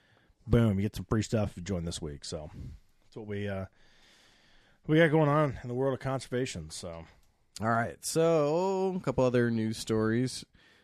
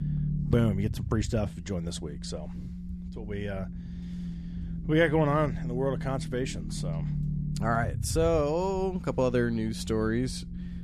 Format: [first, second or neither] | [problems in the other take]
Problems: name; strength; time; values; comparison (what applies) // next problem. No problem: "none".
first | low rumble; noticeable; throughout; 15 dB below the speech